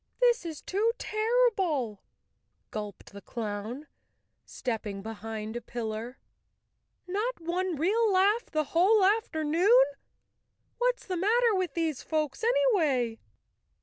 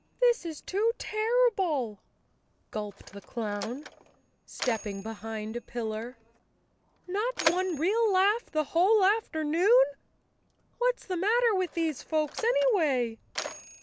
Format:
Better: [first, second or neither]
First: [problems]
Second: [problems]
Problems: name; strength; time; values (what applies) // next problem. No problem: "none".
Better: first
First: none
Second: background sound (Mechanisms); 14 dB below the speech